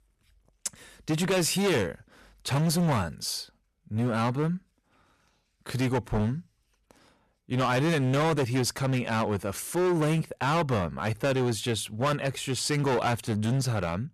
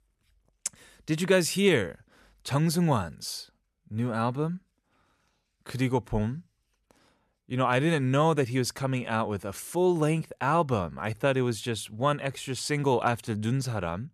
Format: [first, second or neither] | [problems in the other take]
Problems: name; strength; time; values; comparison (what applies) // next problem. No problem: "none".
second | distortion; heavy; 14% of the sound clipped